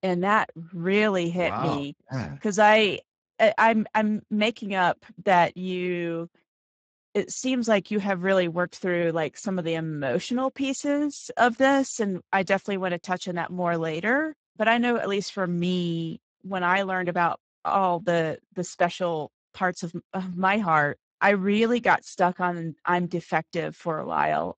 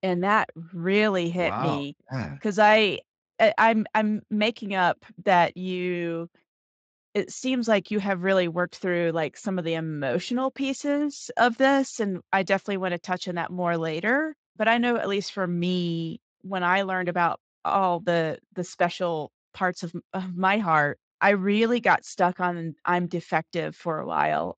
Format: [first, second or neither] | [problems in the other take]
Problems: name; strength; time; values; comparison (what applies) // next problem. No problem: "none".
second | garbled, watery; badly; nothing above 7.5 kHz; slightly in the second